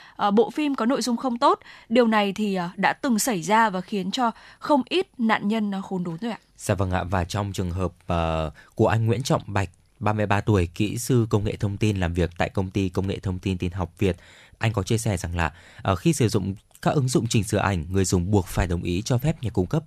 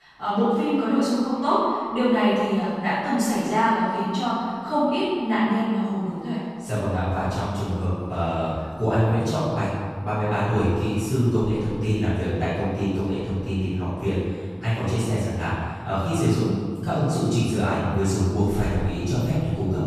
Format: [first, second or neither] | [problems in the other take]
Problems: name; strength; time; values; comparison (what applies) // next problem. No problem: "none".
first | off-mic speech; far // room echo; strong; dies away in 1.8 s